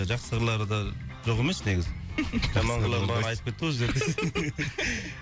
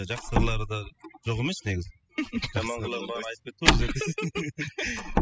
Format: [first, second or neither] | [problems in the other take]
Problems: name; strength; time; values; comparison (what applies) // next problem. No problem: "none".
first | noise reduction (classical method spectral subtraction)